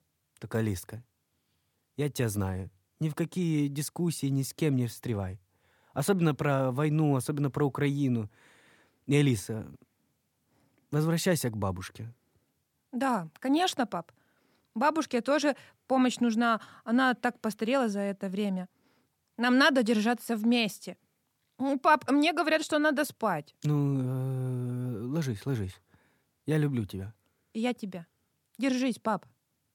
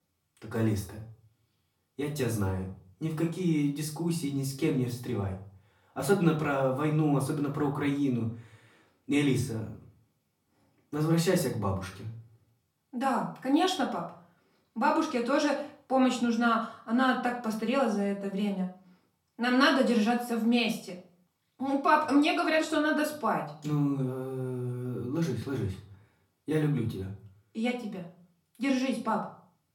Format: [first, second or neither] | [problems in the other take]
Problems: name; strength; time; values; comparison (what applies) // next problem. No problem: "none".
first | room echo; slight; dies away in 0.4 s // off-mic speech; far